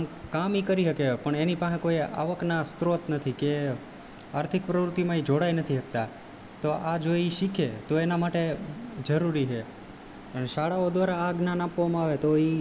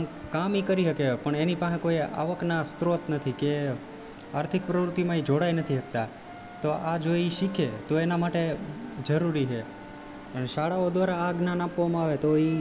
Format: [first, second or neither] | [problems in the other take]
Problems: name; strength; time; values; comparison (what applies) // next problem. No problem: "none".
first | background sound (Wind instrument, woodwind instrument + Wind instrument, woodwind instrument); 18 dB below the speech